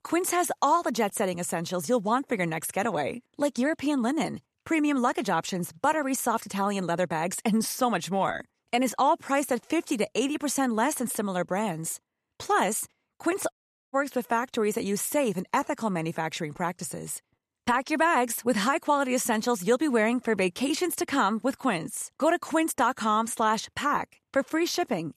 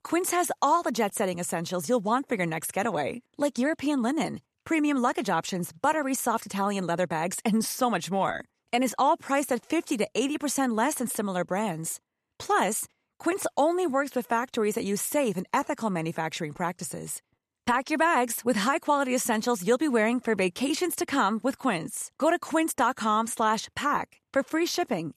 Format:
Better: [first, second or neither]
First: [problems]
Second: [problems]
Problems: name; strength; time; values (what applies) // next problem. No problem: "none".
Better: second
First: audio cutting out; at 14 s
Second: none